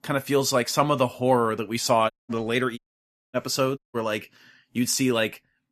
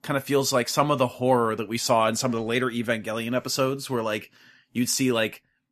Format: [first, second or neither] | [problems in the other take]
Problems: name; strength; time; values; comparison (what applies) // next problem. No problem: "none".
second | audio cutting out; at 2 s, at 3 s for 0.5 s and at 4 s